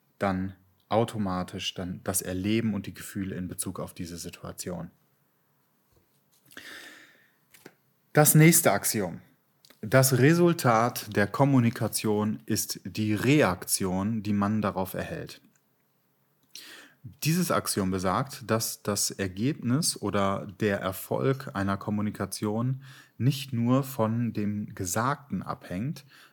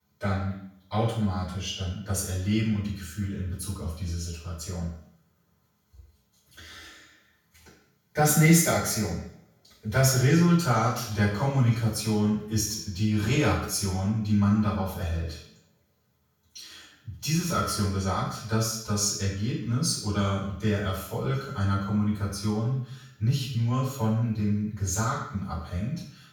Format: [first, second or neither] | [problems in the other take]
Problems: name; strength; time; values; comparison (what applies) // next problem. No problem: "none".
first | room echo; noticeable; dies away in 0.6 s // off-mic speech; far